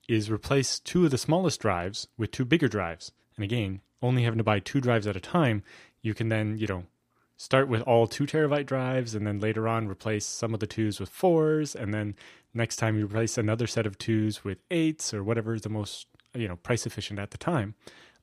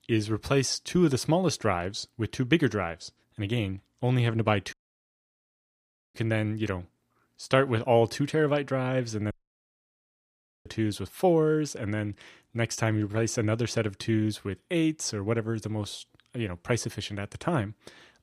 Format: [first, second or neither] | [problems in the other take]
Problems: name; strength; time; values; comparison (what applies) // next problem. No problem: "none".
first | audio cutting out; at 4.5 s for 1.5 s and at 9.5 s for 1.5 s